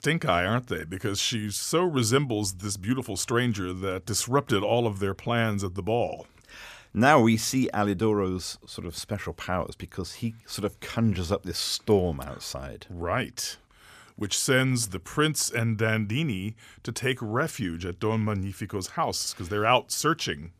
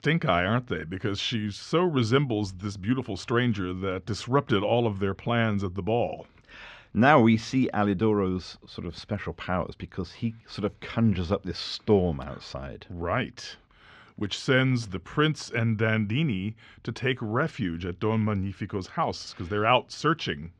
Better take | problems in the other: first | muffled; slightly; fading above 4 kHz

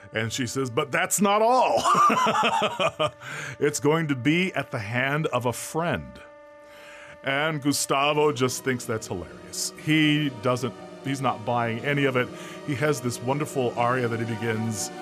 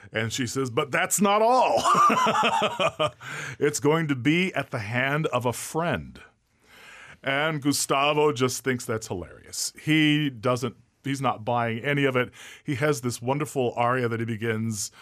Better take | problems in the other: second | background music; noticeable; throughout; 20 dB below the speech

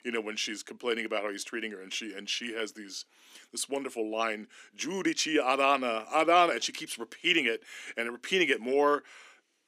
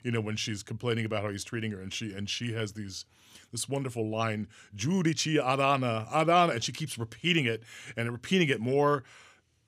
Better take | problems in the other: second | thin; somewhat; fading below 250 Hz

